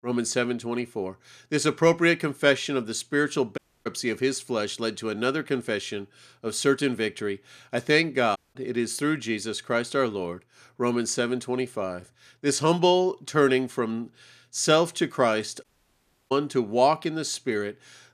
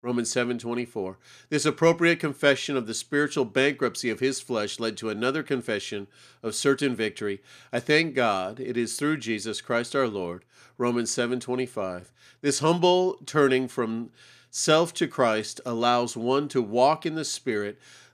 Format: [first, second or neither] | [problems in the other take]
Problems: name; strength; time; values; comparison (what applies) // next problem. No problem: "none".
second | audio cutting out; at 3.5 s, at 8.5 s and at 16 s for 0.5 s